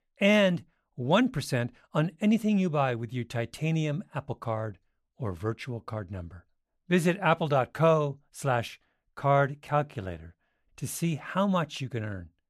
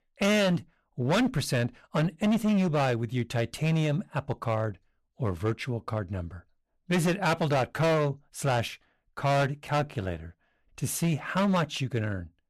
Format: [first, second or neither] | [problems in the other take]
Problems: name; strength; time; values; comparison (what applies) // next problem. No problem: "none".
first | distortion; heavy; 13% of the sound clipped